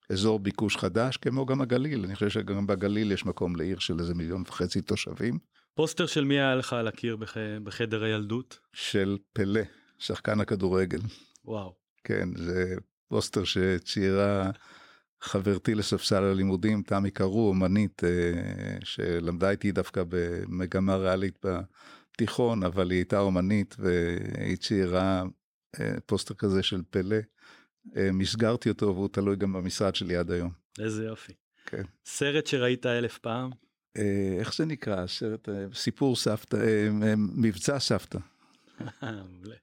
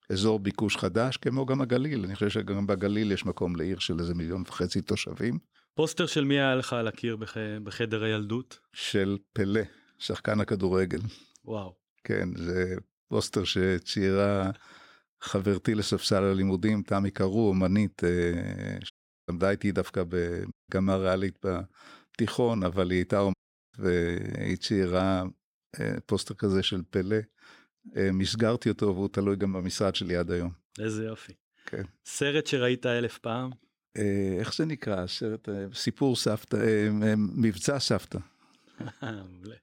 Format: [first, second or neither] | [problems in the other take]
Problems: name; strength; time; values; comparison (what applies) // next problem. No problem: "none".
first | audio cutting out; at 19 s, at 21 s and at 23 s